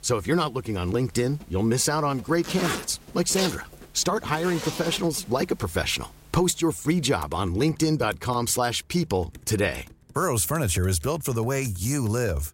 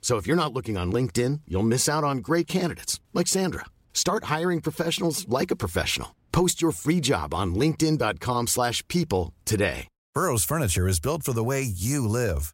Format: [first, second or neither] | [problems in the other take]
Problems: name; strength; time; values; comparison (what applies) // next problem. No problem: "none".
second | household noises; noticeable; throughout; 10 dB below the speech